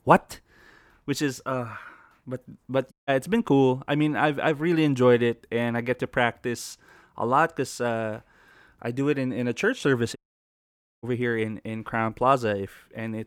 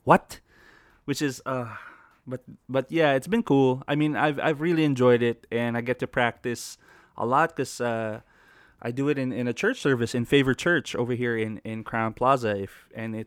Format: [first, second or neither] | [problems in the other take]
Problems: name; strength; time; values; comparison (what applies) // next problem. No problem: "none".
second | audio cutting out; at 3 s and at 10 s for 1 s